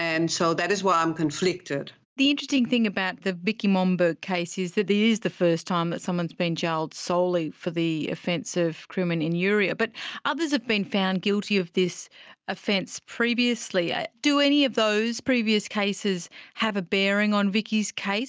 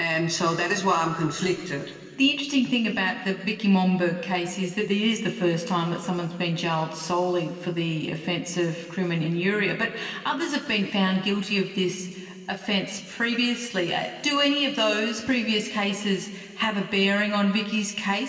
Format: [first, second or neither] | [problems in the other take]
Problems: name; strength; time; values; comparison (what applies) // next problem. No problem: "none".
first | room echo; dies away in 2.6 s